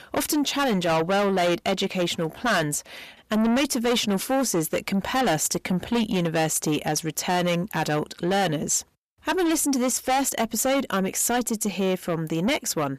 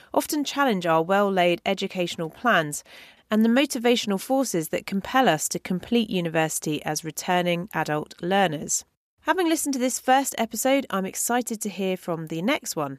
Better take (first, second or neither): second